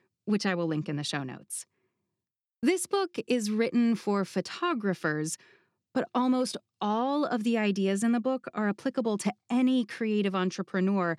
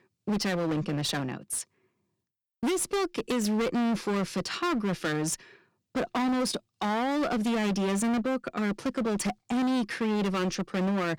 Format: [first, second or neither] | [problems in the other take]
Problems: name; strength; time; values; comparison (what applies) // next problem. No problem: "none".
first | distortion; heavy; 28% of the sound clipped